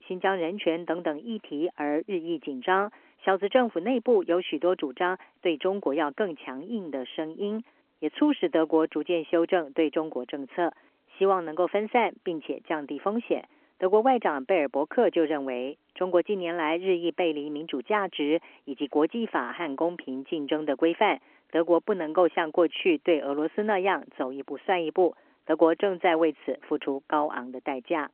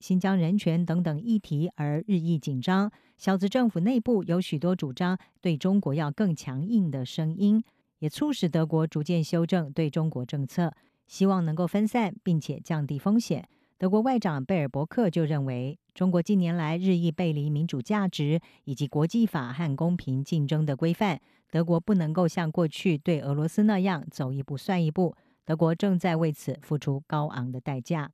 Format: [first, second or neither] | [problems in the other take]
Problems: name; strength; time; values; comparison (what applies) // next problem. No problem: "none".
second | phone-call audio